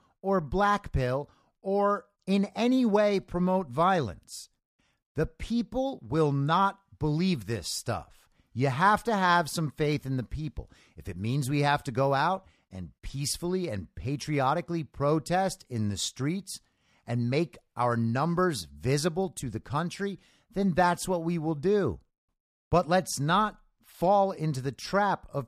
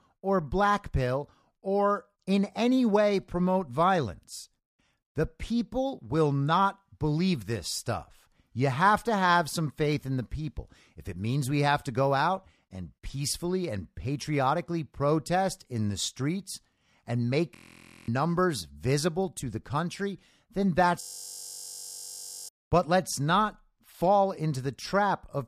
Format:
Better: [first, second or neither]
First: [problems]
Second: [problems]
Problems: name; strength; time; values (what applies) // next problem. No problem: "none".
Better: first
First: none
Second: audio freezing; at 18 s for 0.5 s and at 21 s for 1.5 s